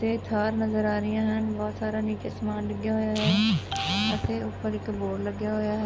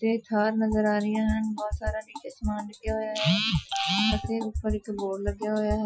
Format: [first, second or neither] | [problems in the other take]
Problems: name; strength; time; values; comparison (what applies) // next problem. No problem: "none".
first | noise reduction (classical method Wiener filter)